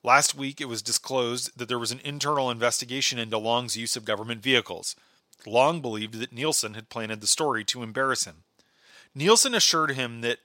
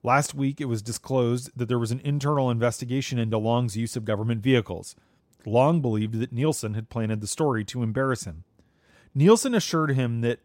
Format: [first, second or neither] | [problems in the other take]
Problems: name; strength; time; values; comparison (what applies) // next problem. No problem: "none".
second | thin; somewhat; fading below 1 kHz